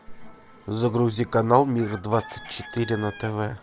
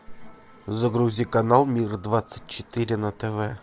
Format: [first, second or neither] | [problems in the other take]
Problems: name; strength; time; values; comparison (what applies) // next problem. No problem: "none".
second | background sound (Chicken, rooster); 20 dB below the speech